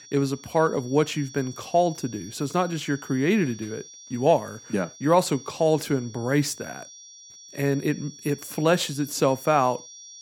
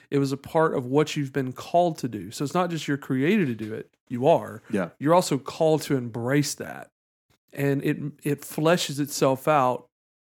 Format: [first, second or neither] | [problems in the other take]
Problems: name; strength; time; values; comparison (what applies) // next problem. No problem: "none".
second | high-pitched whine; noticeable; throughout; 5.5 kHz, 20 dB below the speech